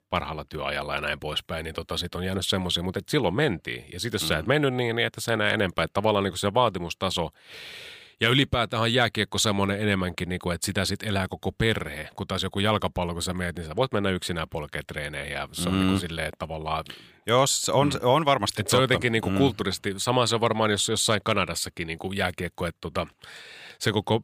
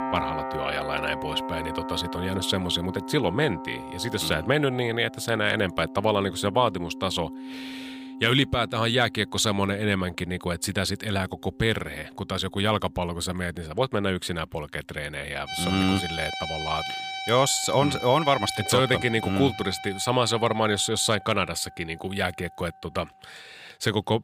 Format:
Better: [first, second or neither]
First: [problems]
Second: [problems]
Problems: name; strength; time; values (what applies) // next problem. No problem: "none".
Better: first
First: none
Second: background music; loud; throughout; 9 dB below the speech